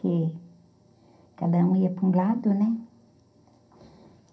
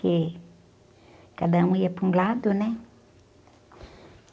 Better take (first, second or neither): second